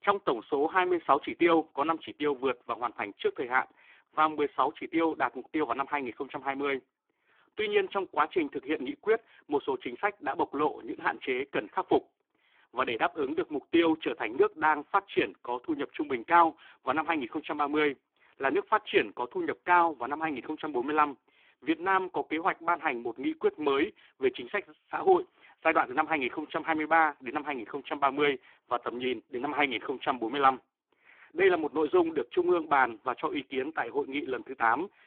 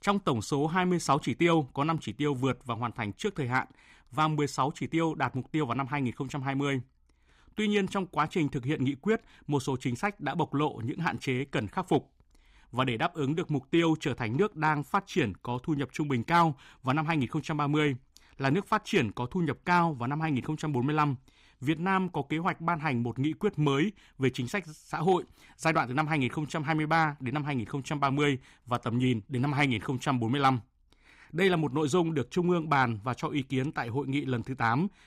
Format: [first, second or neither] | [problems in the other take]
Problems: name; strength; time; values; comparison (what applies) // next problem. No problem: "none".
second | phone-call audio; poor line